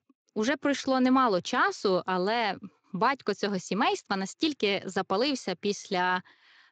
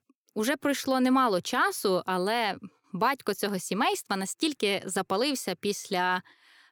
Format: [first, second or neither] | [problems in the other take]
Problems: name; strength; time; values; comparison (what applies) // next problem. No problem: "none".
second | garbled, watery; slightly; nothing above 7.5 kHz